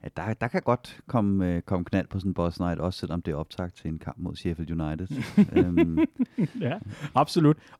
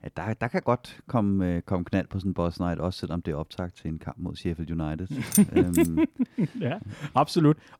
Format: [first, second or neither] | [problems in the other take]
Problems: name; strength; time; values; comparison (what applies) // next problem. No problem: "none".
first | jangling keys; noticeable; at 5.5 s; peak 2 dB below the speech